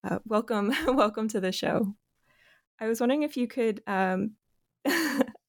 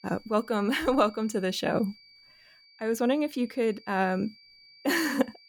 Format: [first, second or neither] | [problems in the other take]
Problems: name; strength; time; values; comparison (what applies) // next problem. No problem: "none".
first | high-pitched whine; faint; throughout; 4.5 kHz, 25 dB below the speech